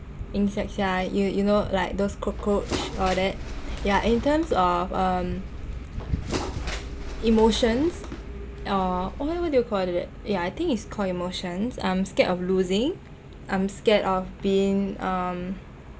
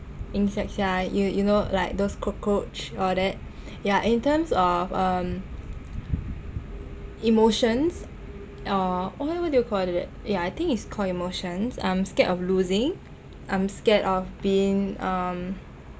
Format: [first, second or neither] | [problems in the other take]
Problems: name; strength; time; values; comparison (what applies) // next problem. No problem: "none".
second | background sound (Bird); 9 dB below the speech